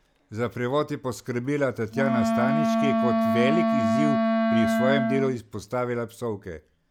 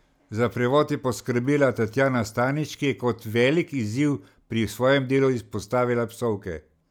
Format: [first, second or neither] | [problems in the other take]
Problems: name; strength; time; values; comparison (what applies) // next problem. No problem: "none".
second | background sound (Wind instrument, woodwind instrument); 2 dB above the speech